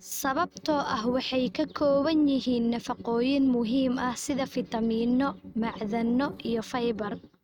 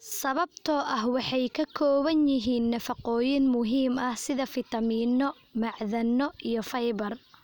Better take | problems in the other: second | noise reduction (neural mask model RNNoise)

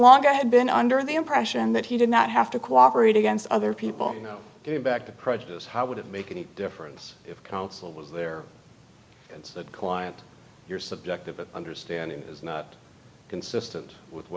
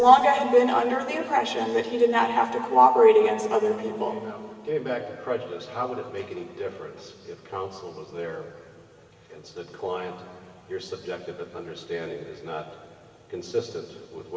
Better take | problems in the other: first | room echo; dies away in 2.3 s

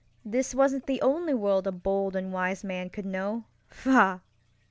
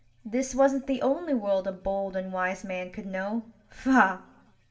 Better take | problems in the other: first | room echo; dies away in 0.4 s

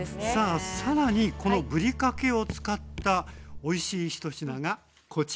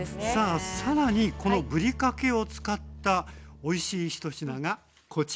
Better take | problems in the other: second | background sound (Raindrop / Drip); 14 dB below the speech

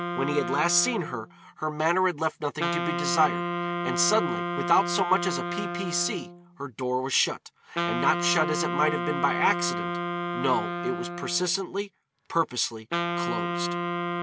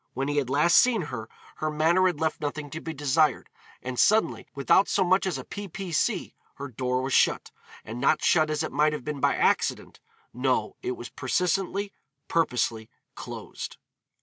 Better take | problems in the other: second | background sound (Wind instrument, woodwind instrument); 3 dB below the speech

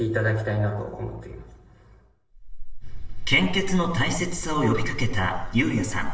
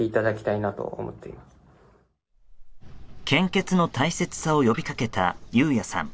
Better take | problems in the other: second | room echo; dies away in 0.8 s

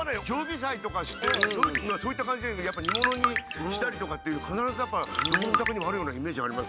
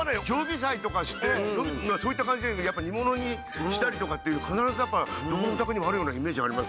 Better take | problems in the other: second | background sound (Trickle, dribble); as loud as the speech

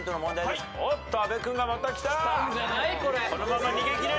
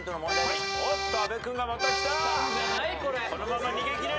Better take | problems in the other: first | background sound (Accordion); 1 dB above the speech

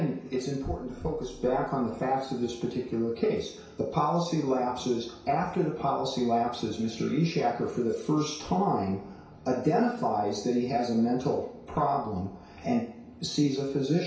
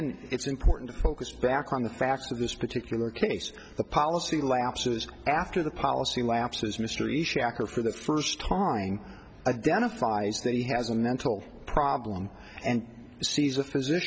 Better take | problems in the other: second | room echo; dies away in 0.6 s

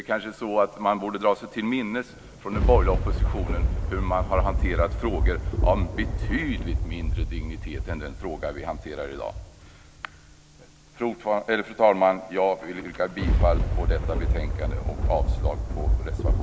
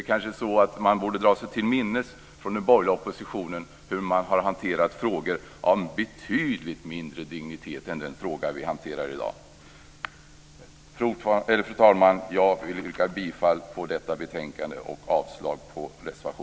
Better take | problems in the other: second | background sound (Thunder); 1 dB above the speech

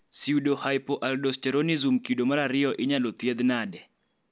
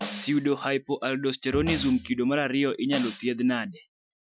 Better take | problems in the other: first | noise reduction (classical method Wiener filter)

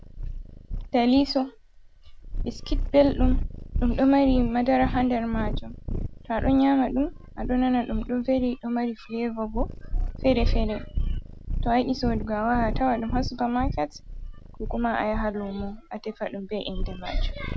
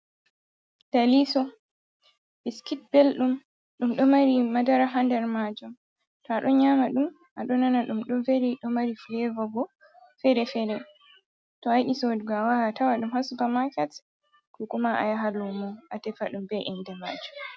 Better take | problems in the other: second | background sound (Purr); 4 dB below the speech

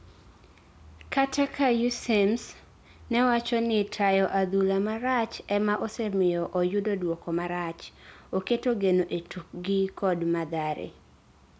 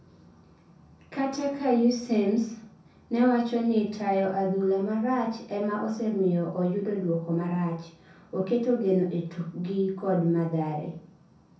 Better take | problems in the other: first | room echo; dies away in 0.5 s

